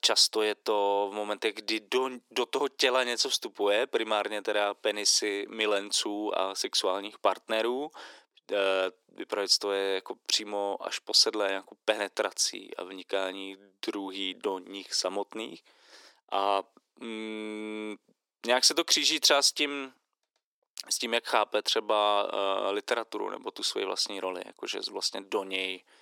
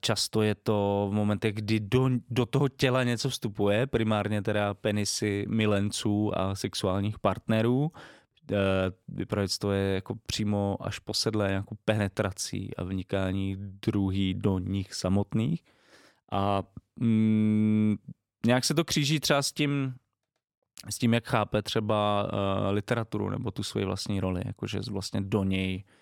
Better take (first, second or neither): second